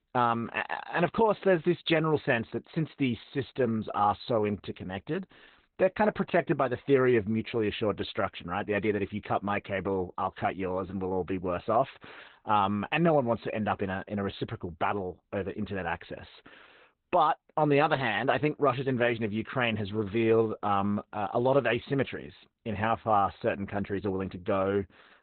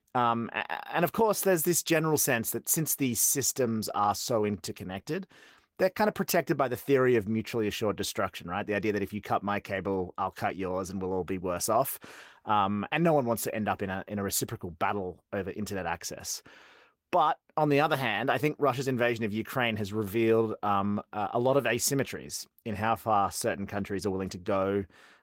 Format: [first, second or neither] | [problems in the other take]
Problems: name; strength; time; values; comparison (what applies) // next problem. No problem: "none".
second | garbled, watery; badly; nothing above 4 kHz; slightly in the second